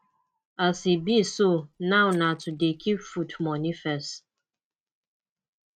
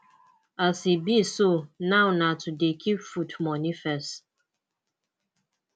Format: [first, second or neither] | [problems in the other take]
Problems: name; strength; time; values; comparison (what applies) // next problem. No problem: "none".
second | noise reduction (neural mask model RNNoise)